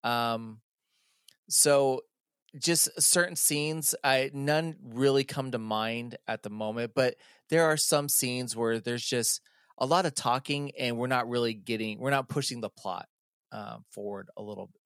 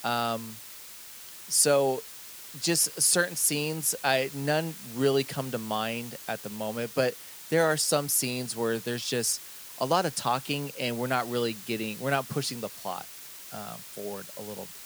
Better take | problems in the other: first | hiss; noticeable; throughout; 15 dB below the speech

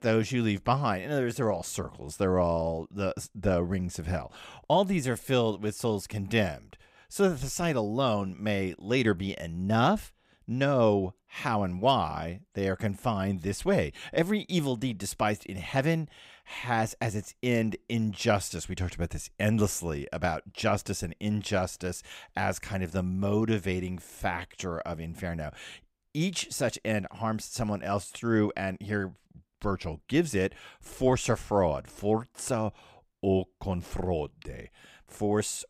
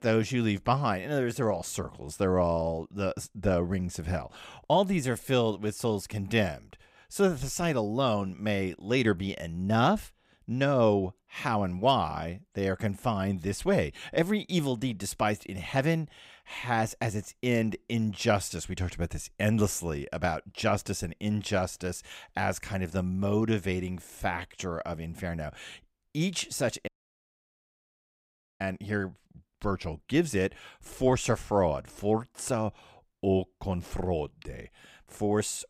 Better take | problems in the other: first | audio cutting out; at 27 s for 1.5 s

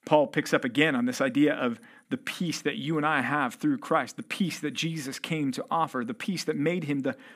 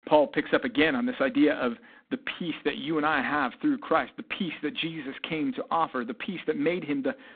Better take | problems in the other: first | phone-call audio; poor line; nothing above 3.5 kHz

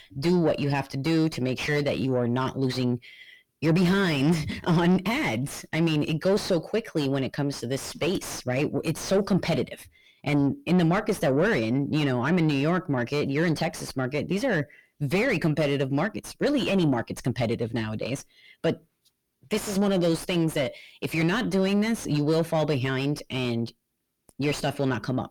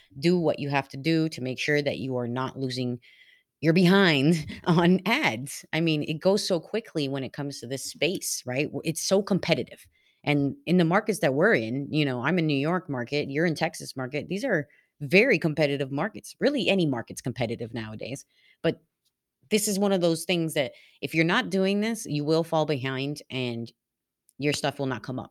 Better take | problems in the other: second | distortion; heavy; 6 dB below the speech

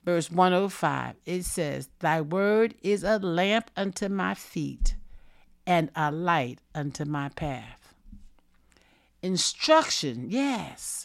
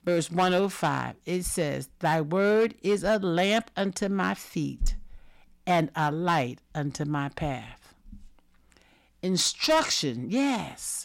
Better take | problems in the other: first | distortion; slight; 4% of the sound clipped

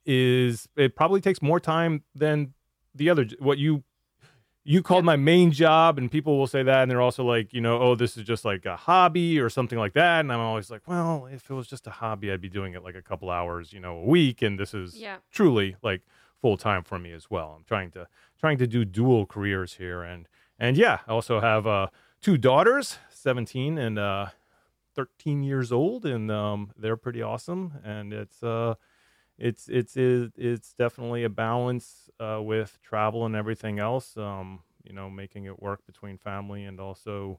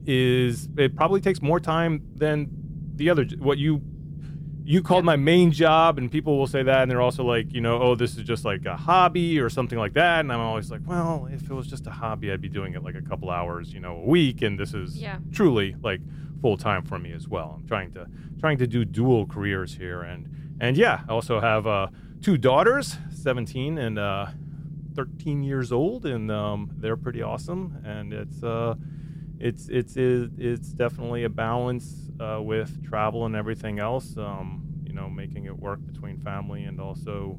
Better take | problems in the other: first | low rumble; faint; throughout; 20 dB below the speech

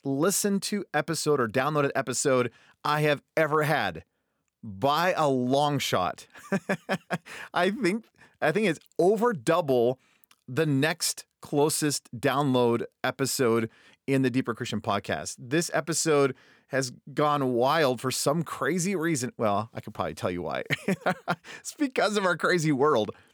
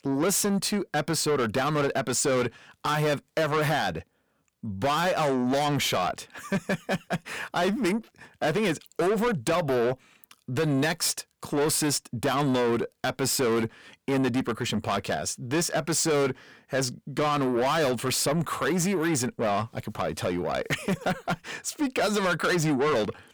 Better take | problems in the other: first | distortion; heavy; 8 dB below the speech

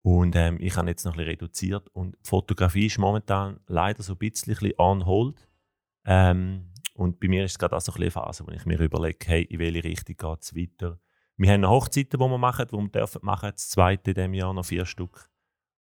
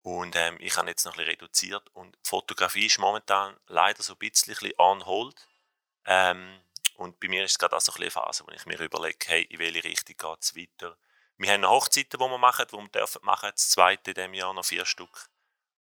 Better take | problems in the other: first | thin; very; fading below 850 Hz

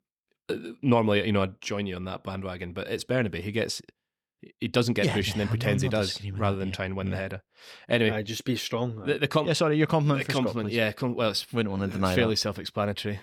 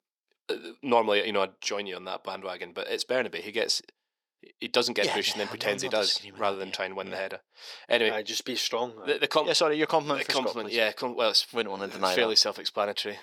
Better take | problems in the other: first | thin; somewhat; fading below 450 Hz

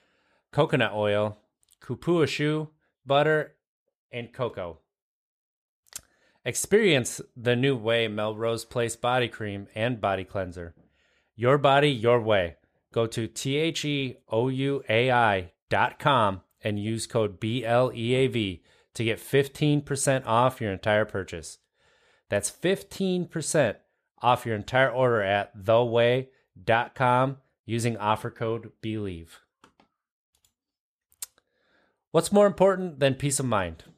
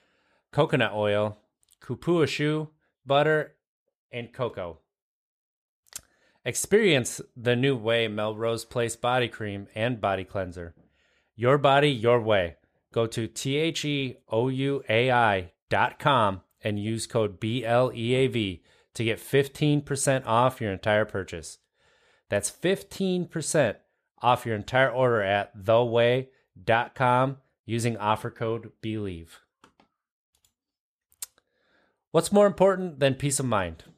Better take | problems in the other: neither | none

